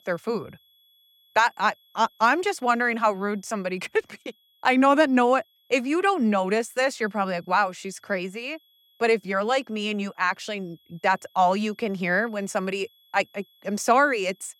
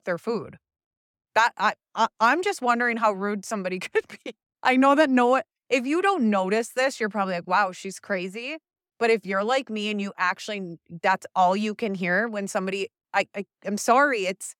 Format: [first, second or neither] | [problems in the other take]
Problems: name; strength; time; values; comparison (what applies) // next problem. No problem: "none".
second | high-pitched whine; faint; throughout; 3.5 kHz, 35 dB below the speech